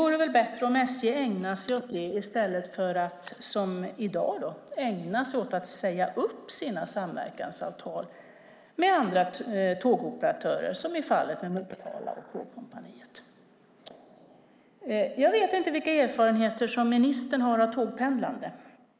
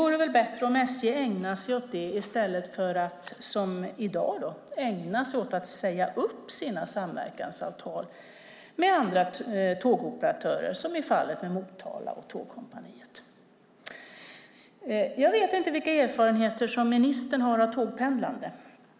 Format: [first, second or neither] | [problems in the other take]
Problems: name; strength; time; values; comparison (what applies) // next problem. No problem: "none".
second | noise reduction (neural mask model Resemble Enhance denoiser)